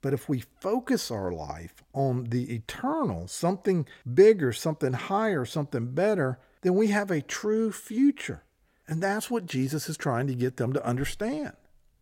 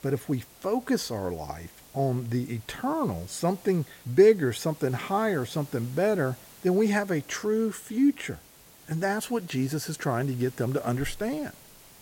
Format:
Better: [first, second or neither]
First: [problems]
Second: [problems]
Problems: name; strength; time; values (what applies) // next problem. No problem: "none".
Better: first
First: none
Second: hiss; faint; throughout; 20 dB below the speech